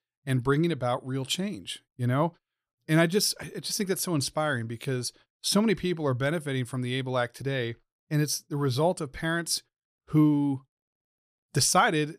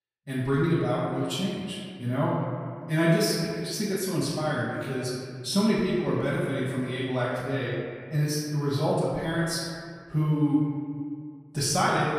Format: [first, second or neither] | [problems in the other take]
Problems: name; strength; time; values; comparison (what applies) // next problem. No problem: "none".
first | off-mic speech; far // room echo; noticeable; dies away in 1.9 s